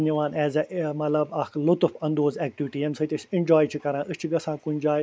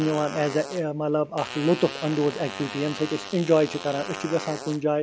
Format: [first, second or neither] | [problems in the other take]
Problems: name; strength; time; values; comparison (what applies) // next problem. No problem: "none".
first | background sound (Fart); 12 dB below the speech